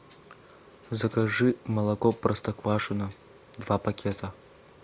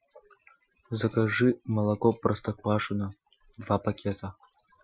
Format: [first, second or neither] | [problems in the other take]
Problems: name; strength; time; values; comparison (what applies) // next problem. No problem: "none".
first | noise reduction (classical method Wiener filter)